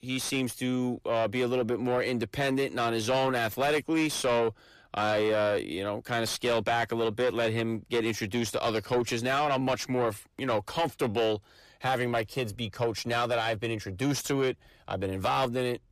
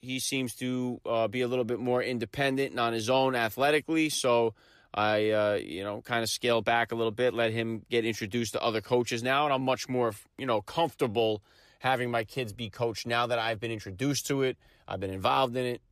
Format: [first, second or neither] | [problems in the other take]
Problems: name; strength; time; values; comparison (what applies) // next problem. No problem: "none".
second | distortion; slight; 10 dB below the speech